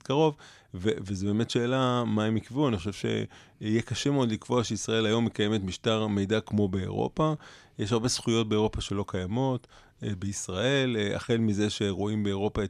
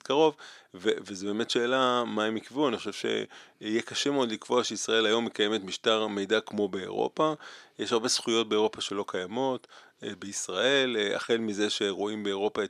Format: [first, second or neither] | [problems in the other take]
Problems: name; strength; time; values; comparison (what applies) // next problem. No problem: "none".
first | thin; somewhat; fading below 350 Hz